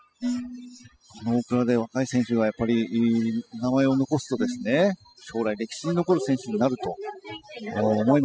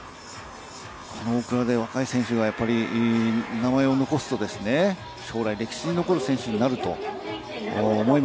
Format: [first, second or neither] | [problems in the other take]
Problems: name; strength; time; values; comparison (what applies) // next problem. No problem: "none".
second | noise reduction (classical method spectral subtraction)